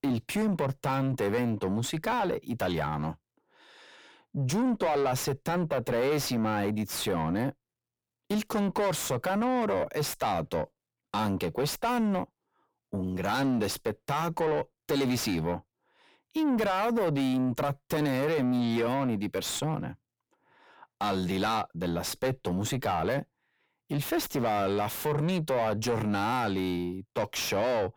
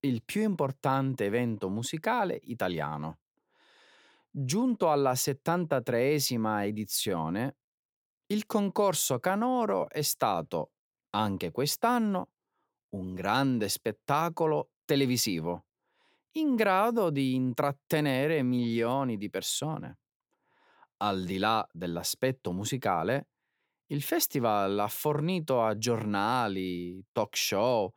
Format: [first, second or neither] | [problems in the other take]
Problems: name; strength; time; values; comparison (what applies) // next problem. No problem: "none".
second | distortion; heavy; 7 dB below the speech